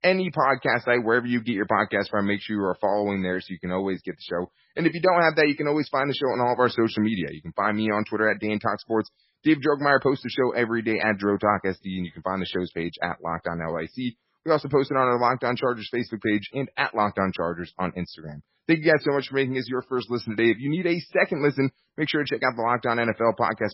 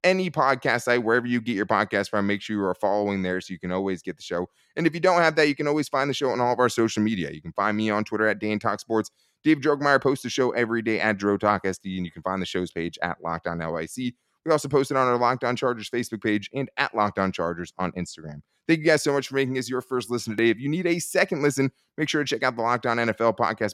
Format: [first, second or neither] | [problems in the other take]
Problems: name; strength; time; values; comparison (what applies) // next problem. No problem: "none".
second | garbled, watery; badly; nothing above 5.5 kHz